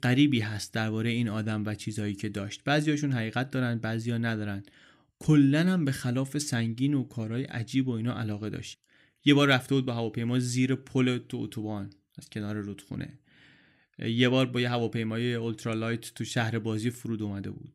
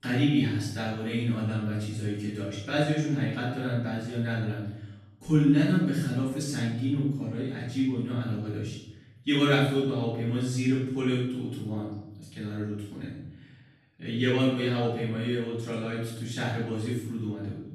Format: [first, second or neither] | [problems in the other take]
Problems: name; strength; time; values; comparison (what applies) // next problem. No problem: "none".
first | off-mic speech; far // room echo; noticeable; dies away in 0.8 s